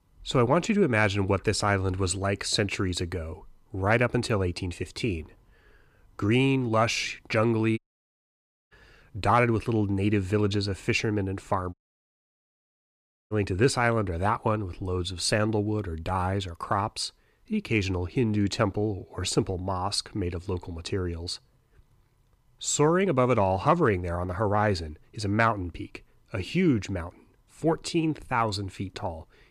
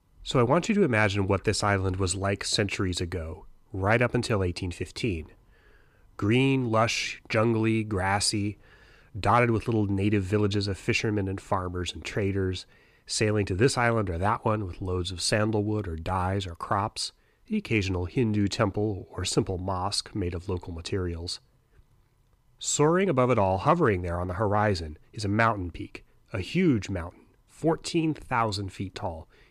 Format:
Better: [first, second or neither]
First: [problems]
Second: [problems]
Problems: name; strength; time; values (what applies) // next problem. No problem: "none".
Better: second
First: audio cutting out; at 8 s for 1 s and at 12 s for 1.5 s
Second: none